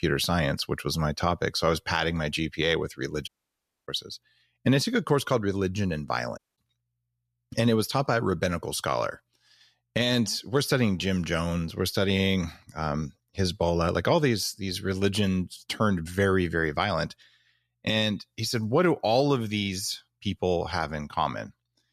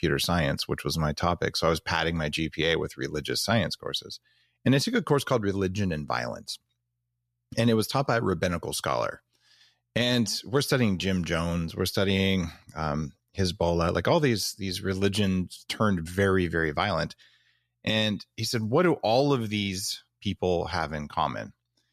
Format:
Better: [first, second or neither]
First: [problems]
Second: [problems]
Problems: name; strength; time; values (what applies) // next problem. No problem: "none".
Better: second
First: audio cutting out; at 3.5 s for 0.5 s and at 6.5 s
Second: none